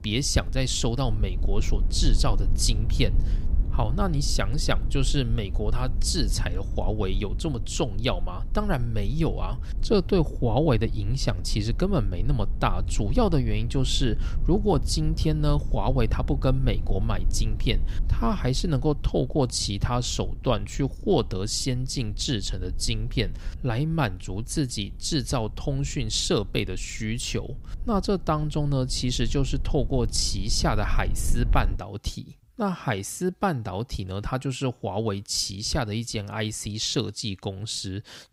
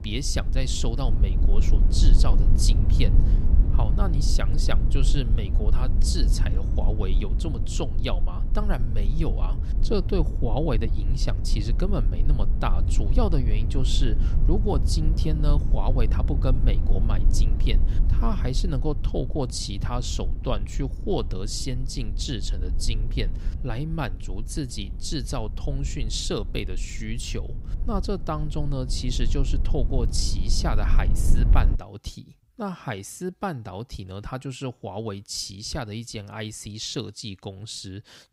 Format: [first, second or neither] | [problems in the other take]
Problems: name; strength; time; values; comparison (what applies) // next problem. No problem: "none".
first | low rumble; loud; until 32 s; 10 dB below the speech; faint in the first